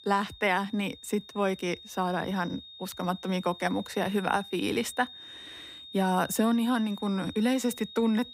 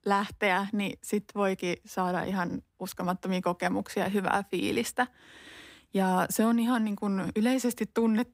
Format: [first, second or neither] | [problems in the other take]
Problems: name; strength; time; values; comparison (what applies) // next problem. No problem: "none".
second | high-pitched whine; noticeable; throughout; 3.5 kHz, 15 dB below the speech